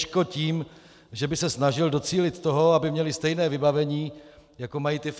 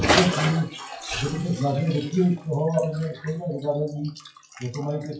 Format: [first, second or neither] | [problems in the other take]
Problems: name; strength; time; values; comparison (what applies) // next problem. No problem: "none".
first | noise reduction (classical method WPE with log-MMSE)